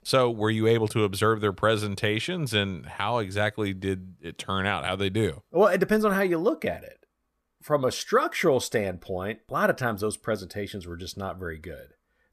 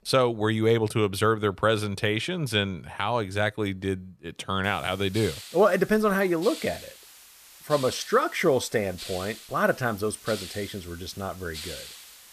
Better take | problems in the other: first | hiss; noticeable; from 4.5 s on; 15 dB below the speech

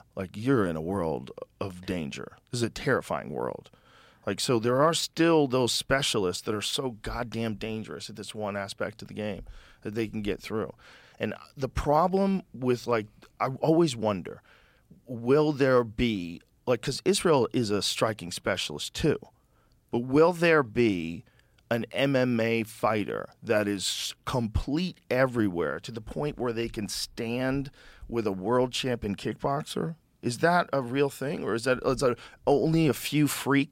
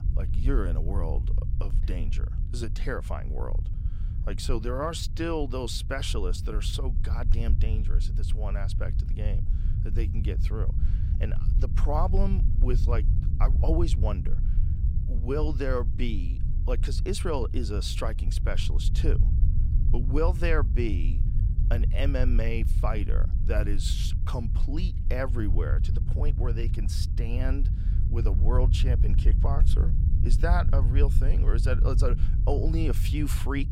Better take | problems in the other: first | low rumble; loud; throughout; 10 dB below the speech

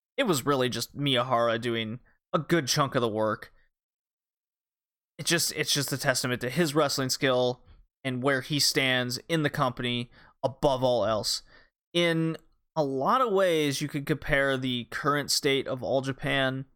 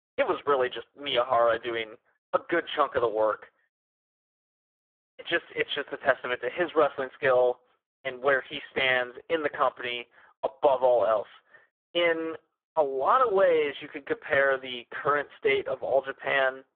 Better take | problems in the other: first | phone-call audio; poor line; nothing above 3.5 kHz

